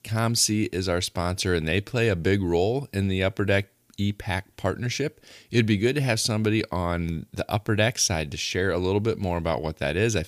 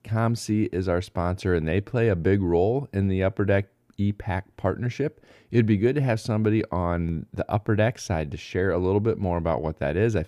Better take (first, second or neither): first